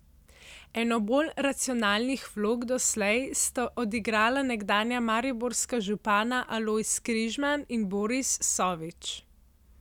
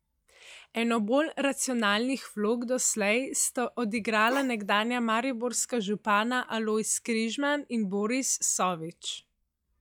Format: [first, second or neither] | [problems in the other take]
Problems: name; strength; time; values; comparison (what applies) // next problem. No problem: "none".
first | noise reduction (classical method log-MMSE)